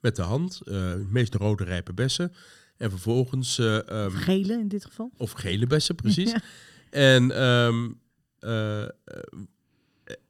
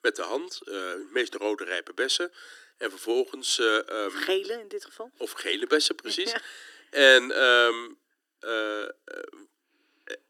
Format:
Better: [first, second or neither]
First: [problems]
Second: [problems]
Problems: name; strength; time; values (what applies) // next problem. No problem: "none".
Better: first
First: none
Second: thin; very; fading below 300 Hz